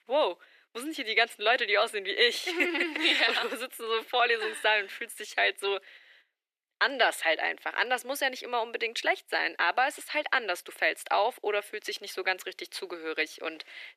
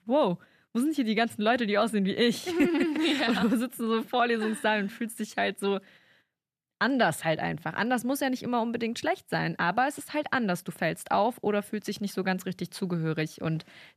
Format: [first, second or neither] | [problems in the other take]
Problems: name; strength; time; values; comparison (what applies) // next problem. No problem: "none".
second | thin; very; fading below 350 Hz